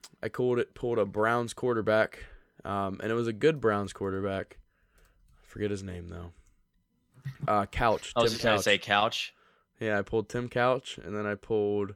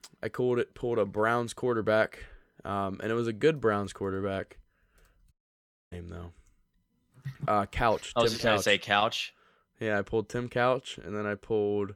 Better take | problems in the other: first | audio cutting out; at 5.5 s for 0.5 s

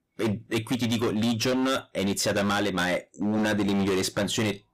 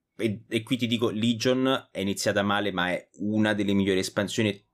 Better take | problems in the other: second | distortion; heavy; 24% of the sound clipped

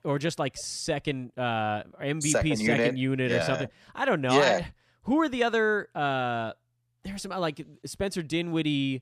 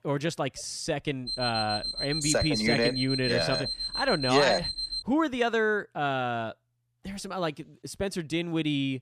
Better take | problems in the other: first | alarm; noticeable; from 1.5 to 5 s; peak 2 dB below the speech

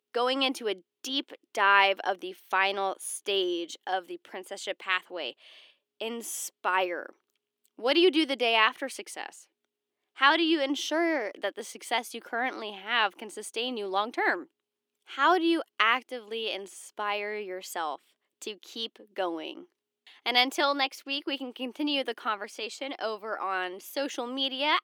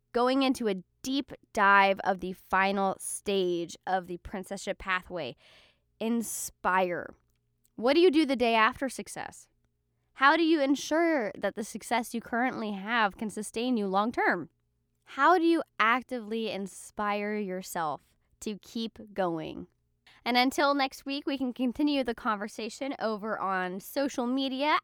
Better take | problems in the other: second | thin; very slightly; fading below 300 Hz

